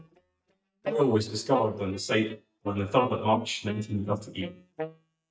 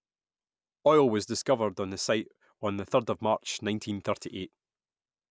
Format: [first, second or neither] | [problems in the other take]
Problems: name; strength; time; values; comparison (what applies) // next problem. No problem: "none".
second | noise reduction (neural mask model DeepFilterNet 3)